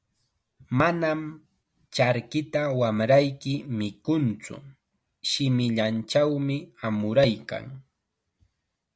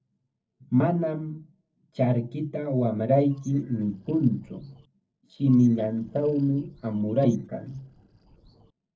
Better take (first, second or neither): first